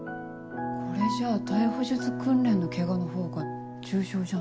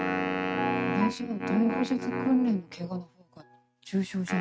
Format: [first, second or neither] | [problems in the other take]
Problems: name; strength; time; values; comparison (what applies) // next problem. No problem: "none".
first | noise reduction (neural mask model RNNoise)